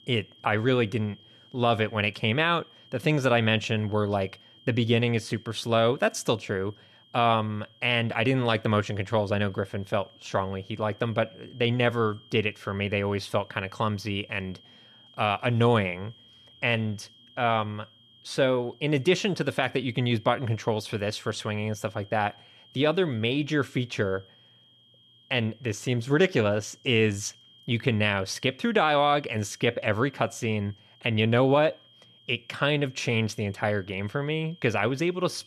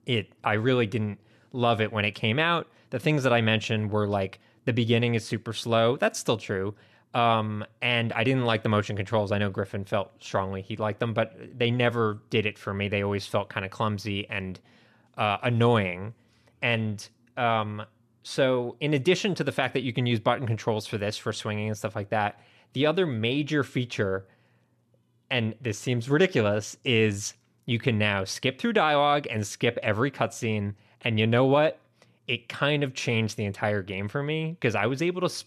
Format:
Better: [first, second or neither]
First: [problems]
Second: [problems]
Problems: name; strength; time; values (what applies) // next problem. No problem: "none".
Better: second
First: high-pitched whine; faint; throughout; 3 kHz, 25 dB below the speech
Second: none